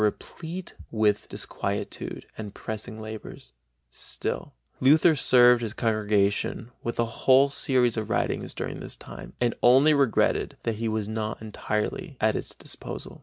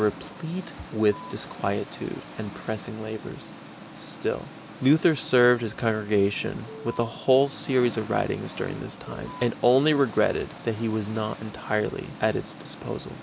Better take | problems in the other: first | background sound (Alarm + Engine); 15 dB below the speech

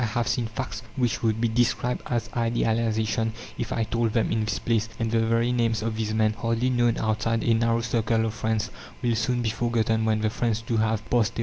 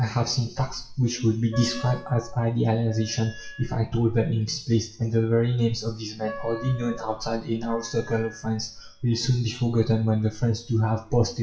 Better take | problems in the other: first | noise reduction (classical method WPE with log-MMSE)

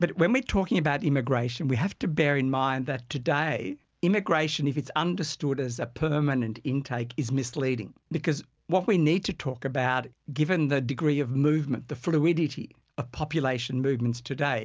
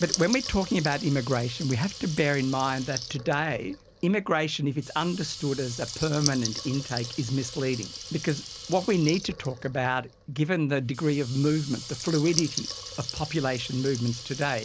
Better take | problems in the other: first | background sound (Water tap, faucet / Liquid); 11 dB below the speech

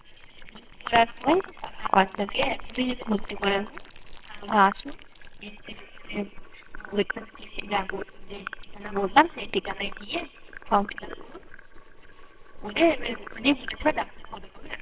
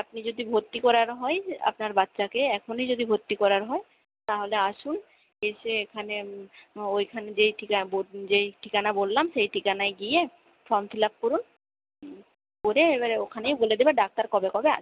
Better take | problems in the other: second | noise reduction (neural separator model SepFormer WHAMR!)

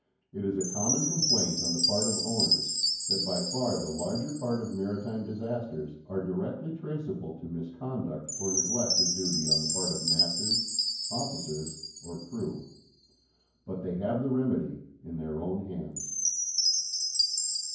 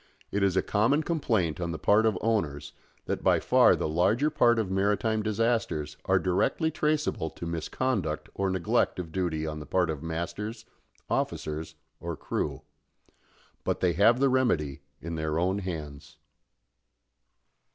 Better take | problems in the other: second | background sound (Chime); 1 dB above the speech // room echo; dies away in 0.9 s

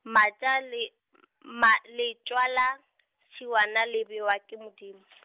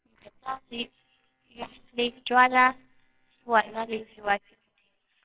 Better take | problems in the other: first | noise reduction (neural separator model SepFormer WHAMR!)

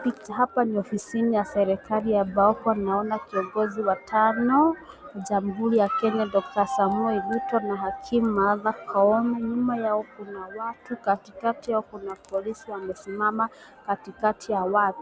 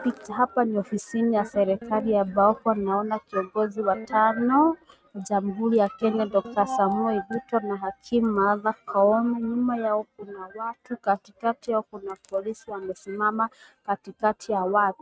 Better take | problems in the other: first | noise reduction (neural mask model RNNoise)

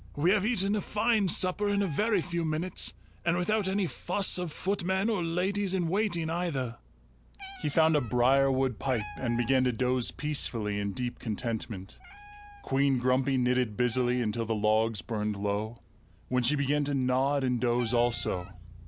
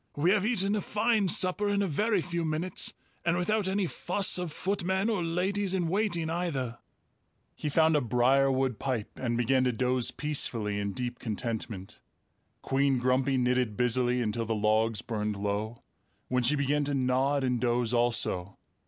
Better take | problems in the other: second | background sound (Bass guitar + Meow); 19 dB below the speech

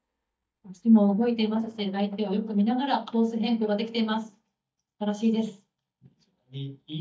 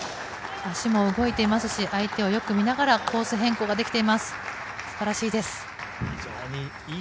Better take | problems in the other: second | noise reduction (neural mask model DeepFilterNet 3)

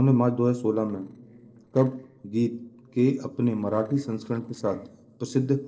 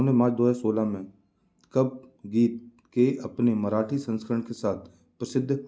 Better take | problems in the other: second | noise reduction (neural separator model SepFormer DNS4)

